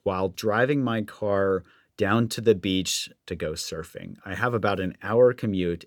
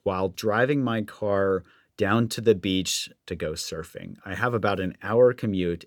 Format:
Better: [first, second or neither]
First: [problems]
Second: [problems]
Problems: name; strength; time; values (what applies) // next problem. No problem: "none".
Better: neither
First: none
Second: none